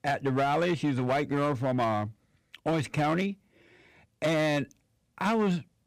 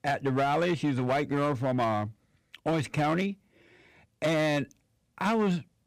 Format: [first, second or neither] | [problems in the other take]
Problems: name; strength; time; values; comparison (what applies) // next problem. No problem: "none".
neither | distortion; slight; 9% of the sound clipped; the same in both